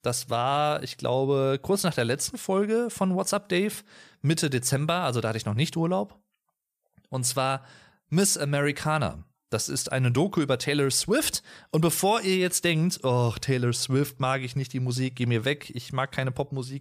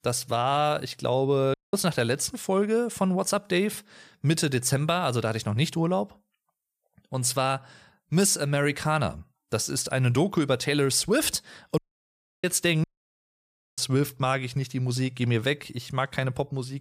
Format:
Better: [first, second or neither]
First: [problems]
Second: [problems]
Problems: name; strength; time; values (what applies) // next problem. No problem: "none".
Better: first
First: none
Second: audio cutting out; at 1.5 s, at 12 s for 0.5 s and at 13 s for 1 s